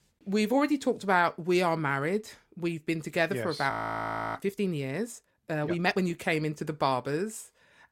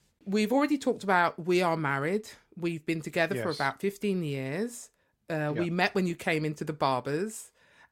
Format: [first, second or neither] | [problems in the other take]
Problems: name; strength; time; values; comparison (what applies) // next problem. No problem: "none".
second | audio freezing; at 3.5 s for 0.5 s